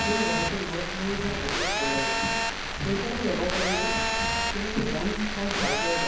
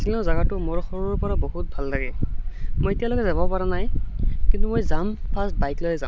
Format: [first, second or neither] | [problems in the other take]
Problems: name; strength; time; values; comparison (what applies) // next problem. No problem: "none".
second | background sound (Telephone); 1 dB above the speech // room echo; dies away in 1.2 s